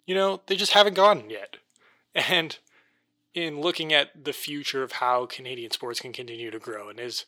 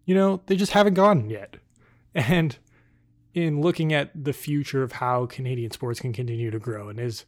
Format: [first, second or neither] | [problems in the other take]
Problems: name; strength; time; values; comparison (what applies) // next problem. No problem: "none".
second | thin; very; fading below 500 Hz